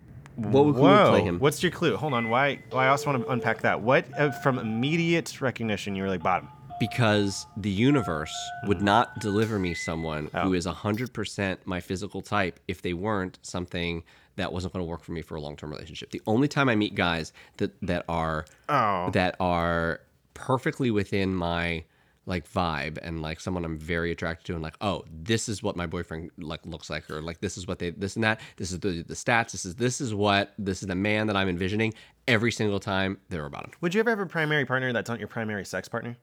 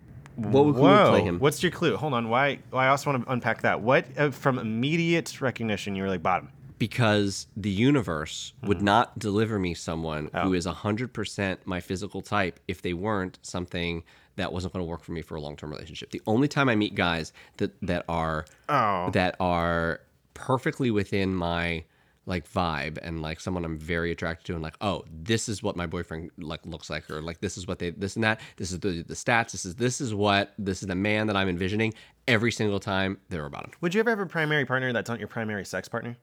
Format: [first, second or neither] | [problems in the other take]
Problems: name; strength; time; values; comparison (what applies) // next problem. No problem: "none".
second | phone ringing; noticeable; from 2 to 11 s; peak 9 dB below the speech